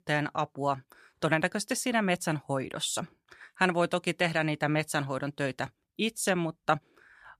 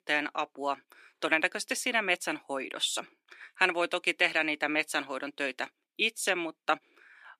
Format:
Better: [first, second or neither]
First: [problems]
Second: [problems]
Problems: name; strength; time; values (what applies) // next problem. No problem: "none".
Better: first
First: none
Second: thin; somewhat; fading below 300 Hz